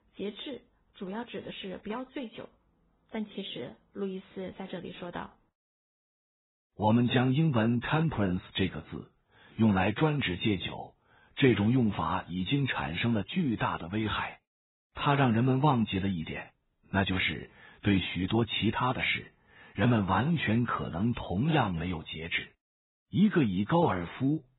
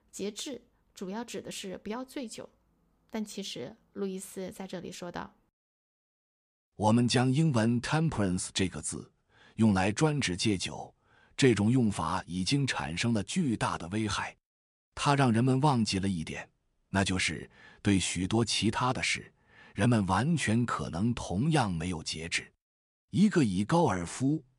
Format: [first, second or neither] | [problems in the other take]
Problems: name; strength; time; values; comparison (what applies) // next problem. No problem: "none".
second | garbled, watery; badly; nothing above 4 kHz